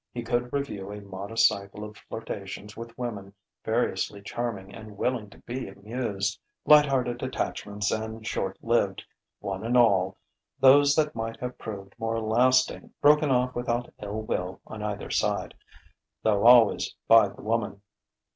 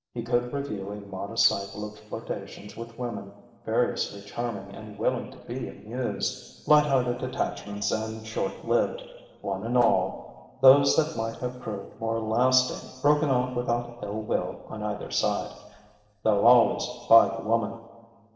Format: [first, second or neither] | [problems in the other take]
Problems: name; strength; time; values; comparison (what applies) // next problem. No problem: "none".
first | noise reduction (neural separator model SepFormer DNS4)